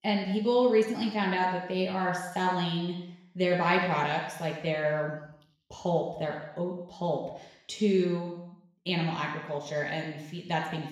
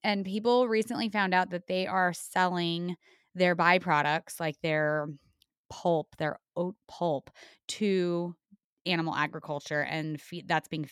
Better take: second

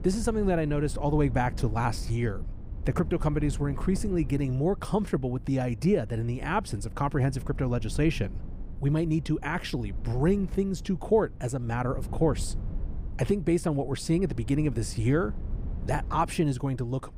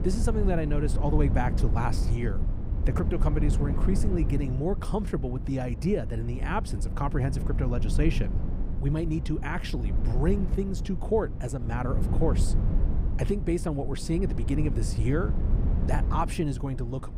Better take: first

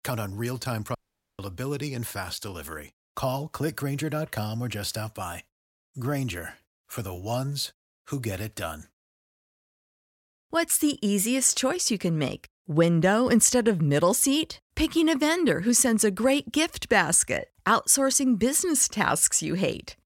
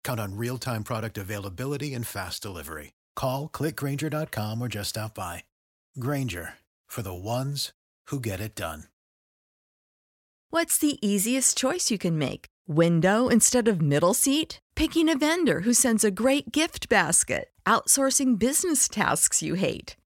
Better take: second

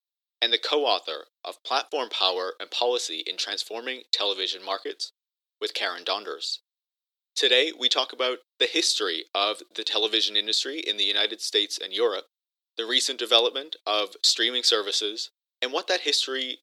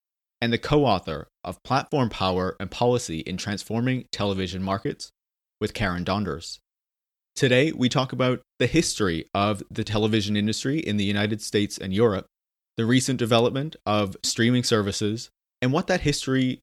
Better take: second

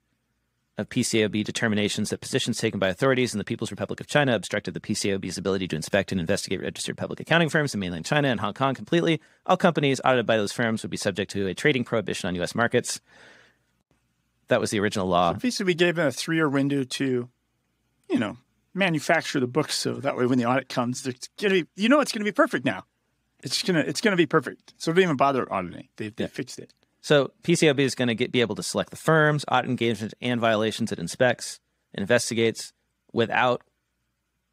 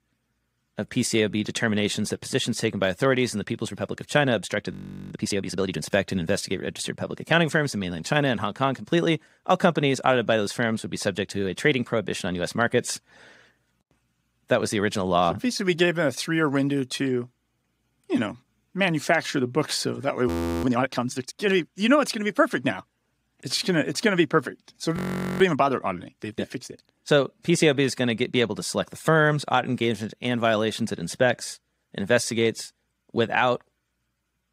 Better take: first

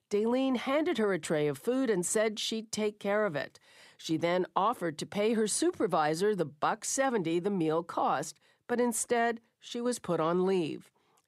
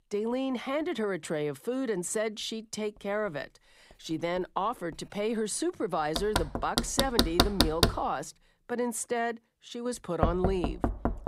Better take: first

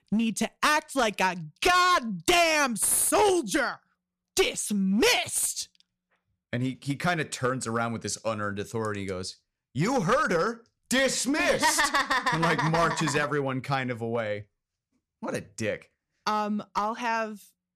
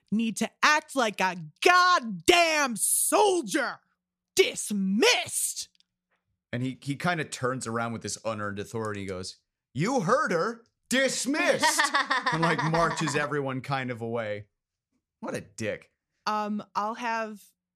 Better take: second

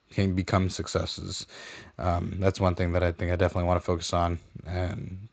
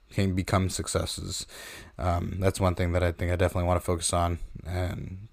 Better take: second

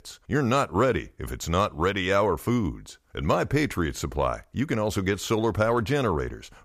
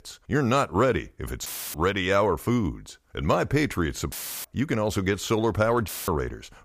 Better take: first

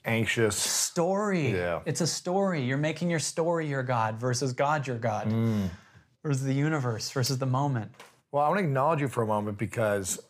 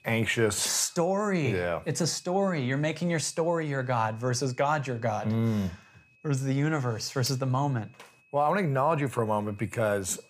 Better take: first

